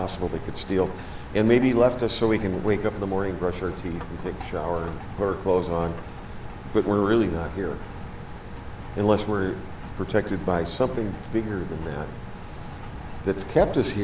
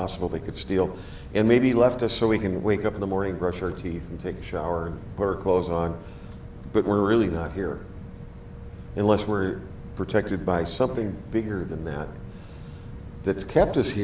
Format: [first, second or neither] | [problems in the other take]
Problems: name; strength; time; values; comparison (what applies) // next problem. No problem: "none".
second | background sound (Rain); 13 dB below the speech